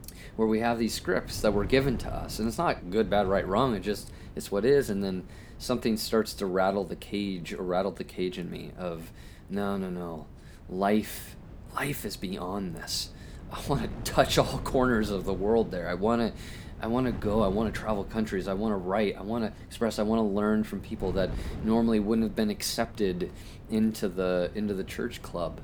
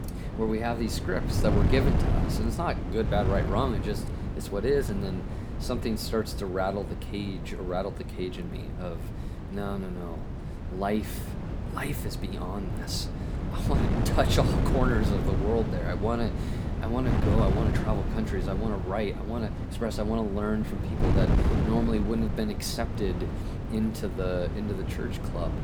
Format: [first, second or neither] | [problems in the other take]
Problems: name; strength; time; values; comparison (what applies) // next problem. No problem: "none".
first | wind noise on the microphone; heavy; 5 dB below the speech; occasional gusts in the first